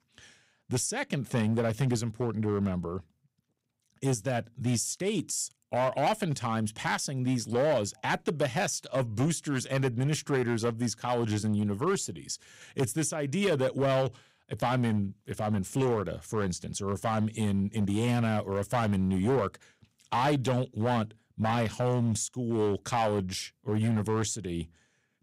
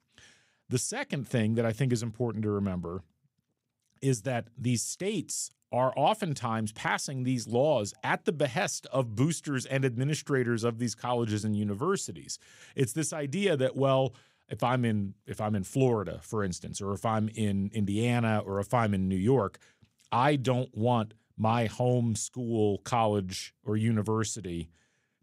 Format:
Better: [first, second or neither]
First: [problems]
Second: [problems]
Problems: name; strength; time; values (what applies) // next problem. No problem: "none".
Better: second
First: distortion; slight; 7% of the sound clipped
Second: none